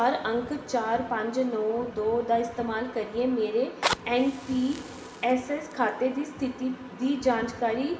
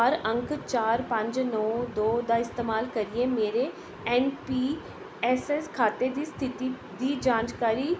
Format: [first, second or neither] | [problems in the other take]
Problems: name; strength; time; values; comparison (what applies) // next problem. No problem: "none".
second | background sound (Fire); 13 dB below the speech // room echo; dies away in 0.9 s